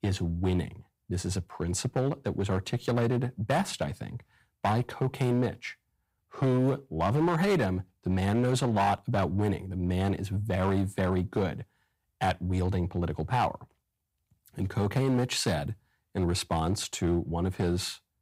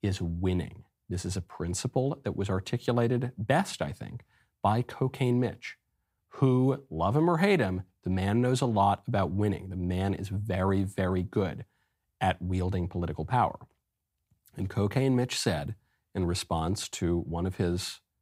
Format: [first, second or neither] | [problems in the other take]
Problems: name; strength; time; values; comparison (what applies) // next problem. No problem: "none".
second | distortion; slight; 6% of the sound clipped